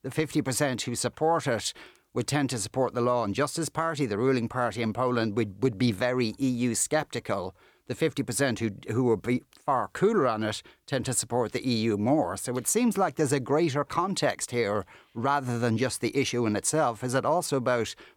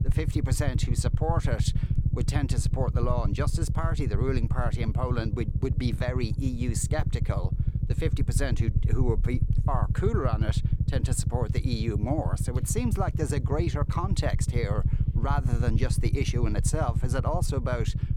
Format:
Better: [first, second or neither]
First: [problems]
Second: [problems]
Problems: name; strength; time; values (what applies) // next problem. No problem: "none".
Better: first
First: none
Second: low rumble; loud; throughout; 7 dB below the speech